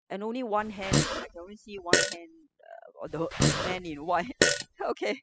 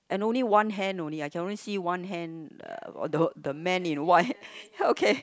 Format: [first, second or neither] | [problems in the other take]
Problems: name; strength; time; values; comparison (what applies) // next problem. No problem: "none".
second | noise reduction (classical method spectral subtraction)